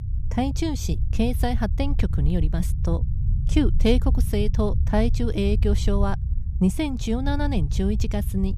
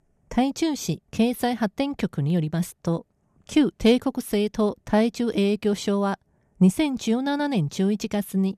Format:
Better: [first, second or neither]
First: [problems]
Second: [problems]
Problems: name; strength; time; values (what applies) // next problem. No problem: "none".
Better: second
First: low rumble; noticeable; throughout; 15 dB below the speech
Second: none